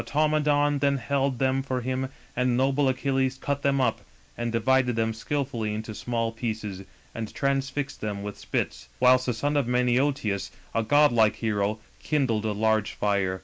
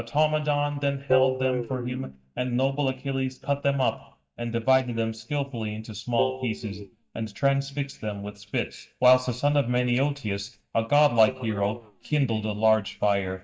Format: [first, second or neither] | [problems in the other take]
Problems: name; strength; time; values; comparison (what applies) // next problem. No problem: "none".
first | noise reduction (neural mask model DeepFilterNet 3)